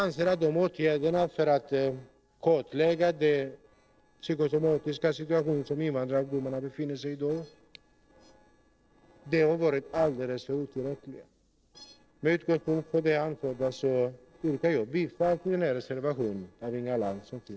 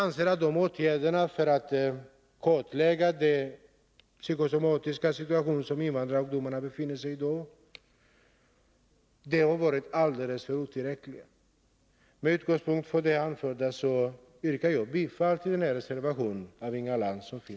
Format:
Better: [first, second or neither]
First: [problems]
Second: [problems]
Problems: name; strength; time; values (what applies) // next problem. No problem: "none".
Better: second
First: noise reduction (neural separator model SepFormer DNS4)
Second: none